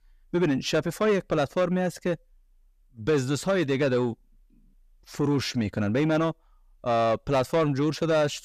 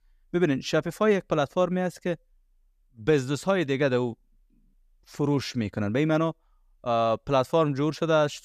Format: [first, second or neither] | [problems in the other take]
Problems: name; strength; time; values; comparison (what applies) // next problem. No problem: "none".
second | distortion; slight; 10 dB below the speech